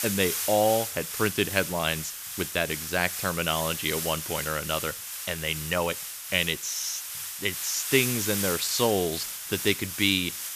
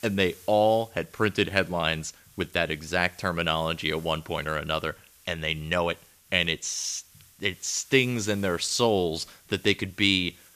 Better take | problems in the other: second | hiss; loud; throughout; 4 dB below the speech; faint in the second

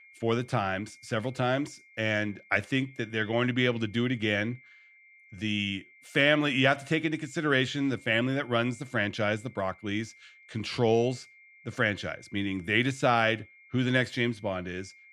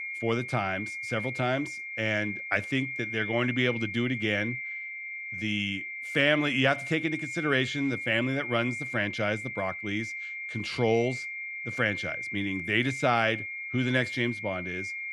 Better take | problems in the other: first | high-pitched whine; loud; throughout; 2 kHz, 5 dB below the speech; faint in the first

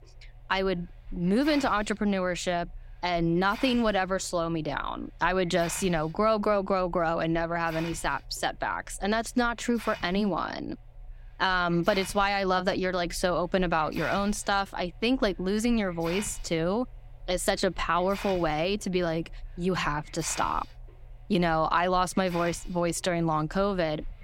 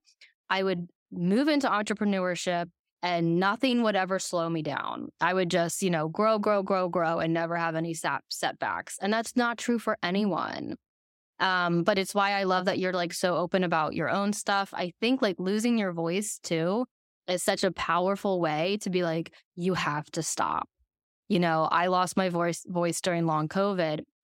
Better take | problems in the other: second | hiss; noticeable; throughout; 20 dB below the speech

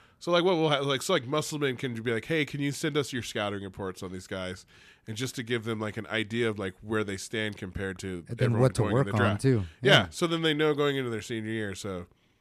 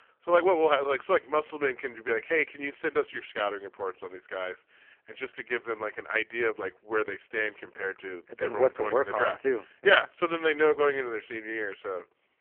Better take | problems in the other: first | phone-call audio; poor line; nothing above 3 kHz

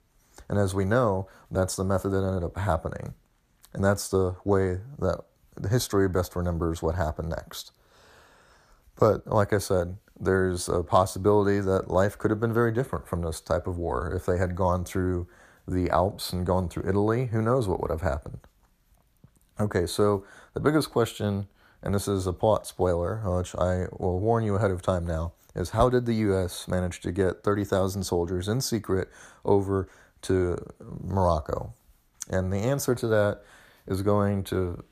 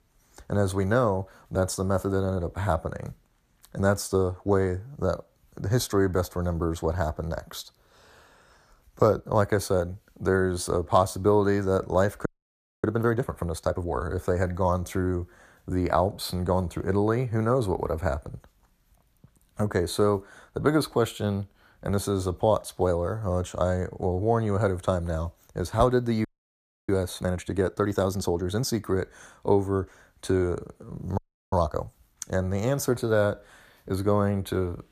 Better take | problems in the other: first | audio freezing; at 12 s for 0.5 s, at 26 s for 0.5 s and at 31 s

